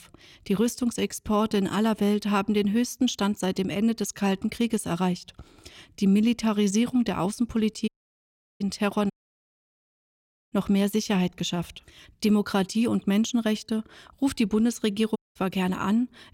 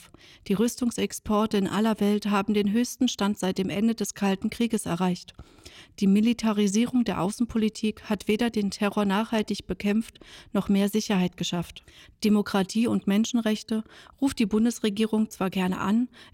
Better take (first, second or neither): second